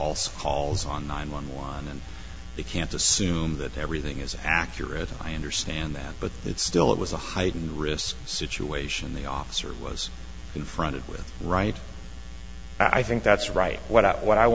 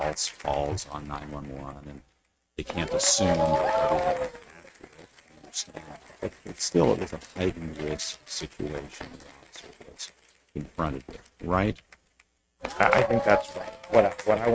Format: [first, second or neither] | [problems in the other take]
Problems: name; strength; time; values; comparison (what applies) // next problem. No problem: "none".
first | noise reduction (neural mask model RNNoise)